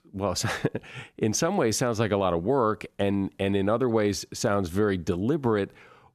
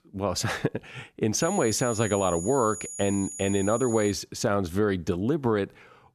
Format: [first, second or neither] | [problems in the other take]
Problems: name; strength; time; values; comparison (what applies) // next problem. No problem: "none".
first | high-pitched whine; loud; from 1.5 to 4 s; 7 kHz, 9 dB below the speech